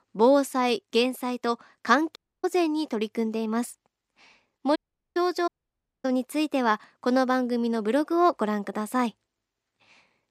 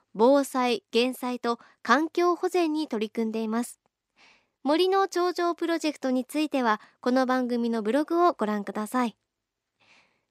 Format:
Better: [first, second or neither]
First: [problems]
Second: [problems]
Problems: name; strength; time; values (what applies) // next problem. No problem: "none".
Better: second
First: audio cutting out; at 2 s, at 5 s and at 5.5 s for 0.5 s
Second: none